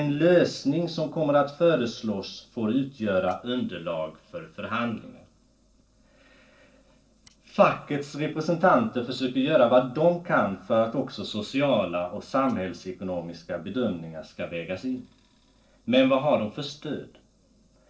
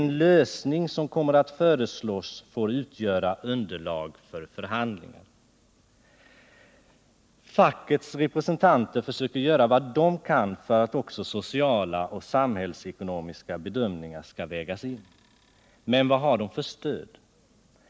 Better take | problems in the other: second | noise reduction (neural separator model SepFormer DNS4)

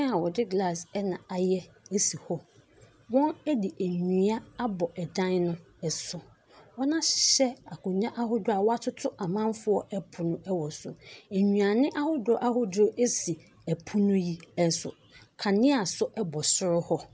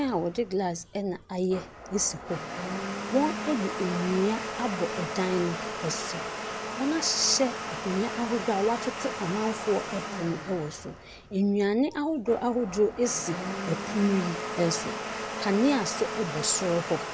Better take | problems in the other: first | background sound (Domestic sounds, home sounds); 6 dB below the speech

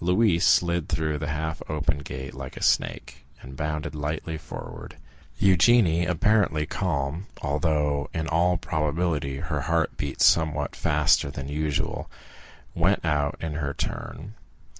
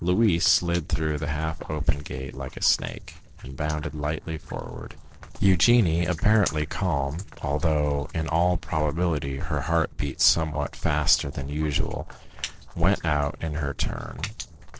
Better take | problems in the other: first | noise reduction (neural separator model SepFormer DNS4)

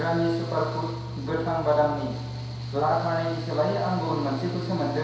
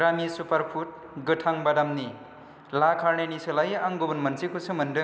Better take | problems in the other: second | background sound (Mechanical fan); 6 dB below the speech // room echo; dies away in 0.7 s

